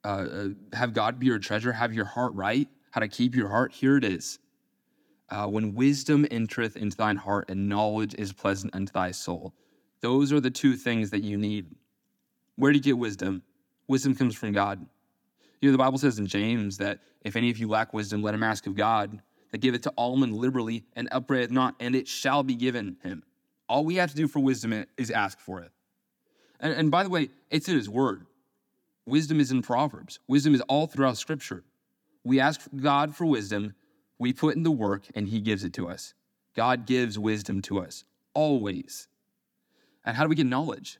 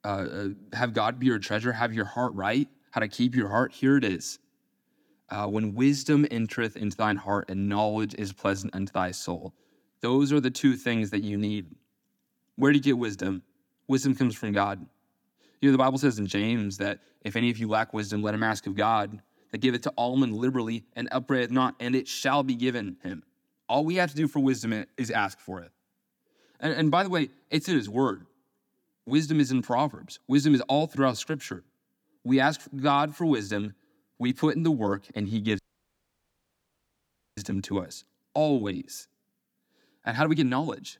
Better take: first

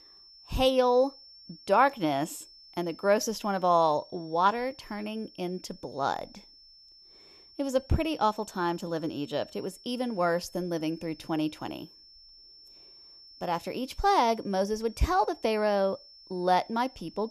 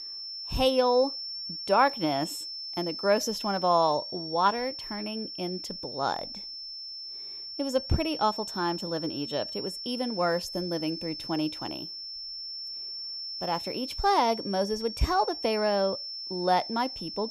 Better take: first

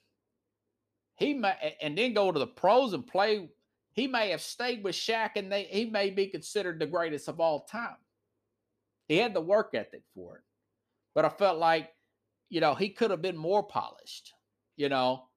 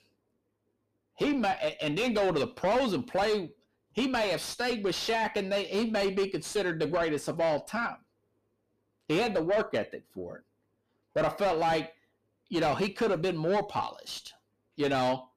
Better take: first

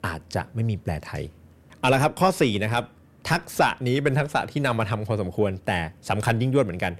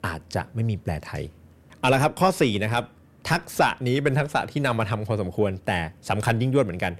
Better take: neither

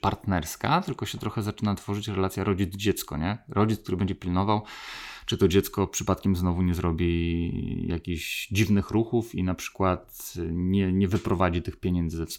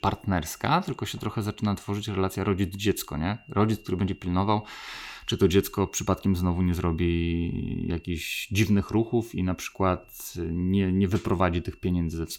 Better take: first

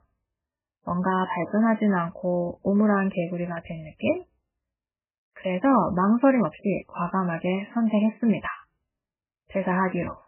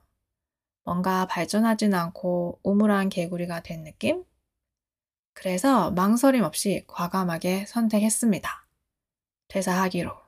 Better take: second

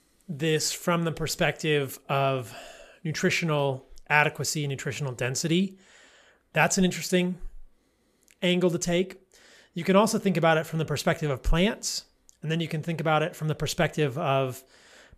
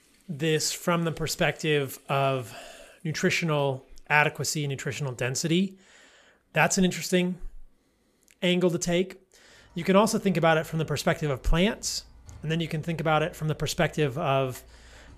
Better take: first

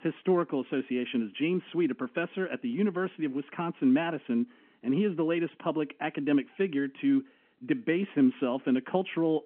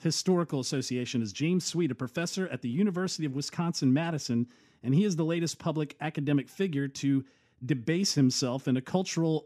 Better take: second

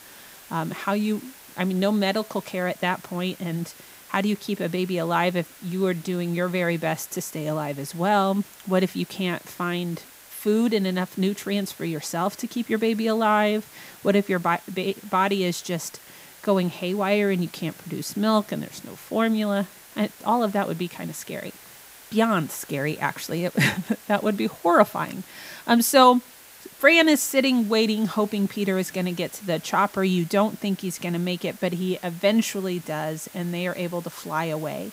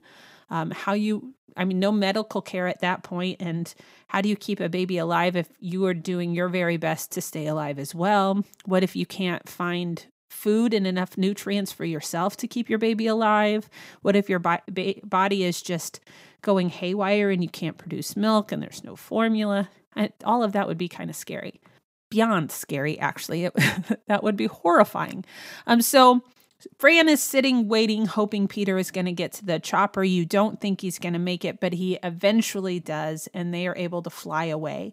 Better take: second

